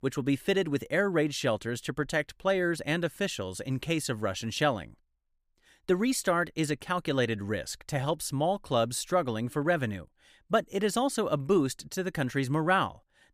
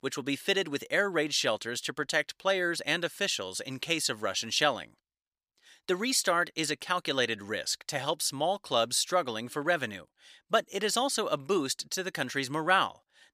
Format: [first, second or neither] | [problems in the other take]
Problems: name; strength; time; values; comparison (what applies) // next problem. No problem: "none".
first | thin; very slightly; fading below 550 Hz